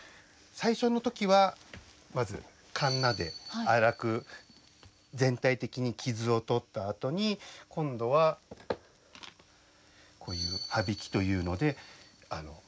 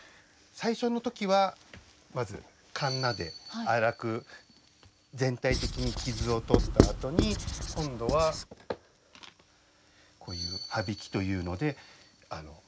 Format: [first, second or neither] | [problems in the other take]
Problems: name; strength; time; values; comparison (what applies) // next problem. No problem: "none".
first | background sound (Writing); 4 dB above the speech